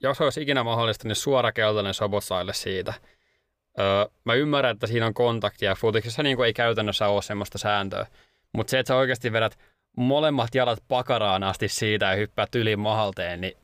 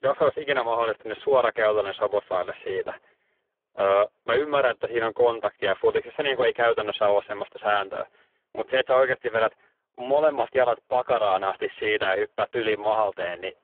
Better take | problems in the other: first | phone-call audio; poor line; nothing above 3.5 kHz

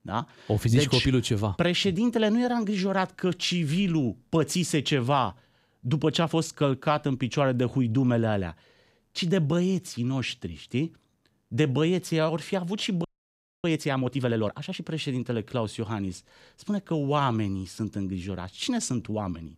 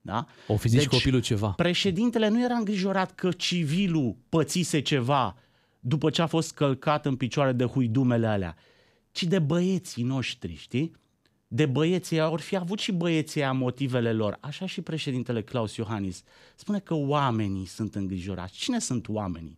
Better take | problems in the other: second | audio freezing; at 13 s for 0.5 s

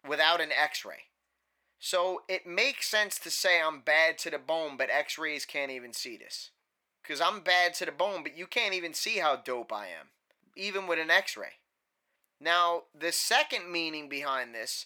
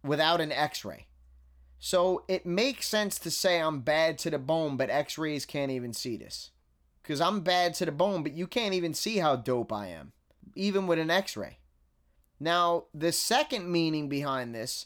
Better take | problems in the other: second | thin; very; fading below 550 Hz

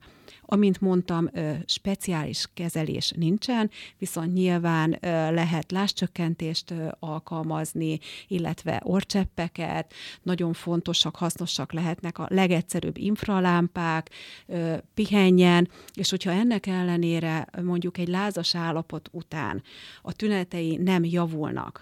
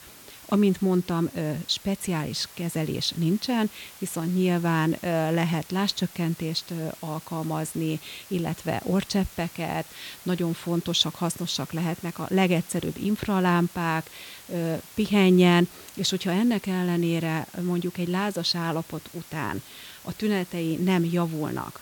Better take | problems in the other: first | hiss; noticeable; throughout; 20 dB below the speech

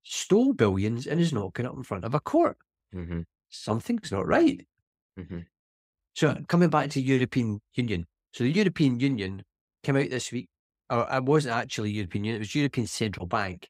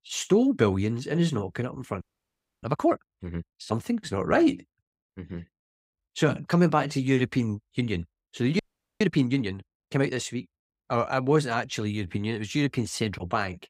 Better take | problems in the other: first | audio freezing; at 2 s for 0.5 s and at 8.5 s

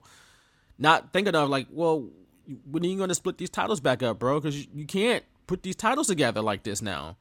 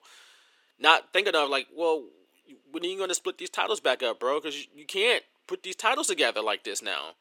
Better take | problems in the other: first | thin; somewhat; fading below 400 Hz

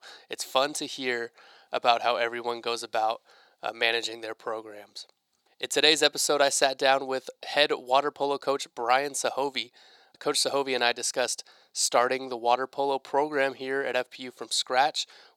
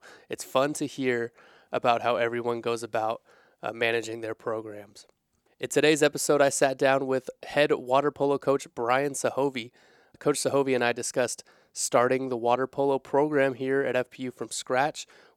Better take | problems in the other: second | thin; very slightly; fading below 650 Hz

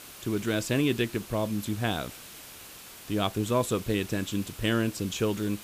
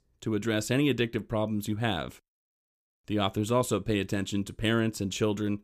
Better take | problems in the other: second | hiss; noticeable; throughout; 15 dB below the speech

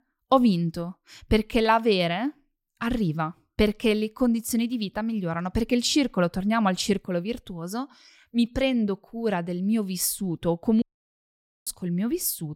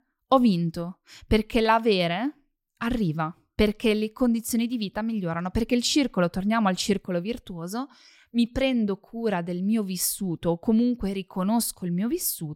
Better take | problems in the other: second | audio cutting out; at 11 s for 1 s

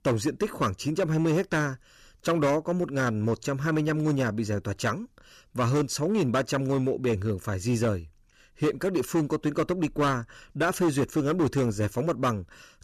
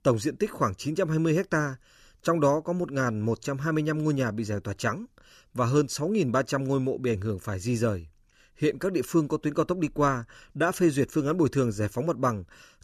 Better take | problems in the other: second | distortion; slight; 8% of the sound clipped

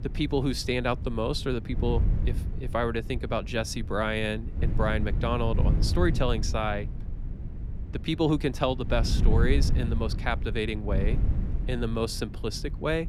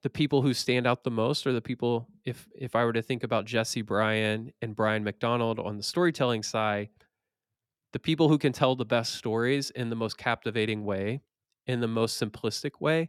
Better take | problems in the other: second | wind noise on the microphone; occasional gusts; 15 dB below the speech

